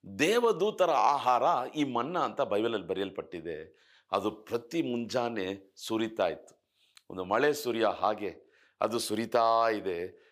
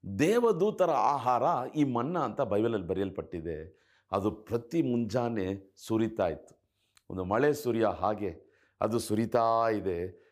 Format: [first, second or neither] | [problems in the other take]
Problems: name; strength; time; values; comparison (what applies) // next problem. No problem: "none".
second | thin; very slightly; fading below 450 Hz